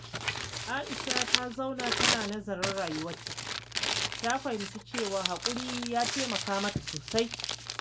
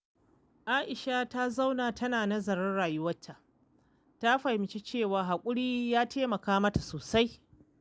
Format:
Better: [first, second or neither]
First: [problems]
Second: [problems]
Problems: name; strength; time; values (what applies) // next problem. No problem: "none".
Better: second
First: background sound (Crumpling, crinkling); 1 dB above the speech // room echo; dies away in 0.2 s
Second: none